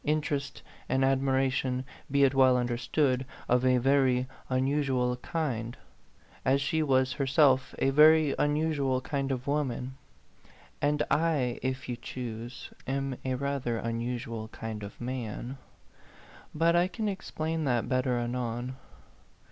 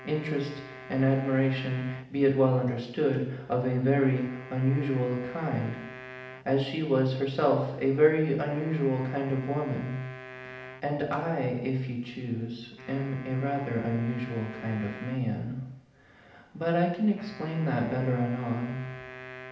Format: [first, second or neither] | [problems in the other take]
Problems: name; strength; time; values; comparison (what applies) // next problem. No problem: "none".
first | background sound (Wind instrument, woodwind instrument); 17 dB below the speech // room echo; dies away in 0.8 s